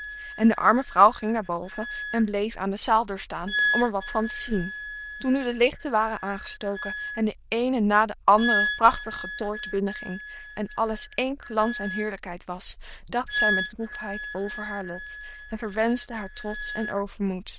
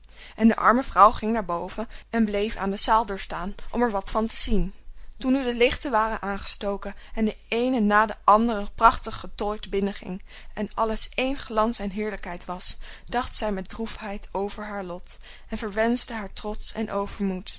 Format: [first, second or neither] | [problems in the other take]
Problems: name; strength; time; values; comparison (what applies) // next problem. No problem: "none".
second | noise reduction (neural diffusion model UNIVERSE++)